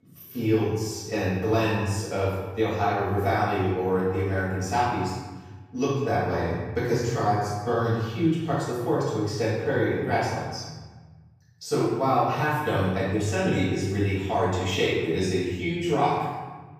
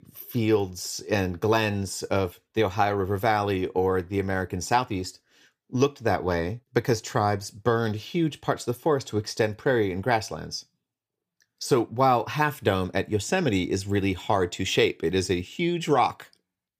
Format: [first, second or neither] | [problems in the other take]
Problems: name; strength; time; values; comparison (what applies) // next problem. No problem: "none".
second | off-mic speech; far // room echo; strong; dies away in 1.3 s